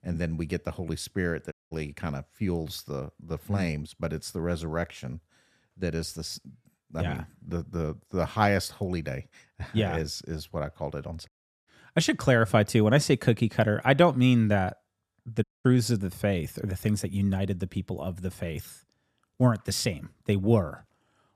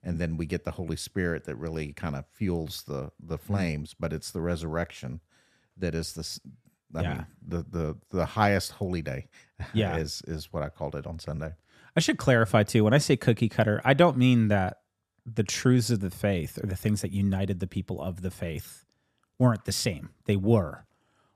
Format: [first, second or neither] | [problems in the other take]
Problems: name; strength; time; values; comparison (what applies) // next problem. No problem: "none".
second | audio cutting out; at 1.5 s, at 11 s and at 15 s